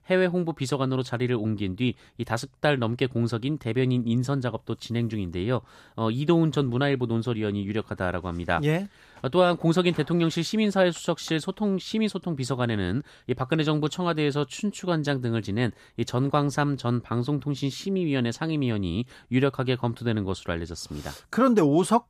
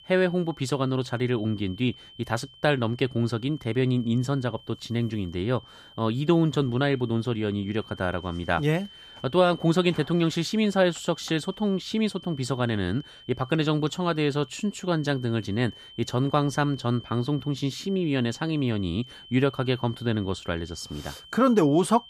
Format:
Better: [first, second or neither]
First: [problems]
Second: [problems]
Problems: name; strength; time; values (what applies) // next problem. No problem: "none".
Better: first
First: none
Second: high-pitched whine; faint; throughout; 3 kHz, 20 dB below the speech